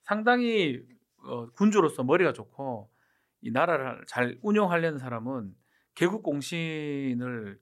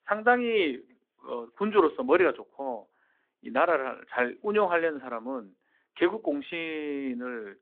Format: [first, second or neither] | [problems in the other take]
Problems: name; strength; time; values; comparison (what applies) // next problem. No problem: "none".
first | phone-call audio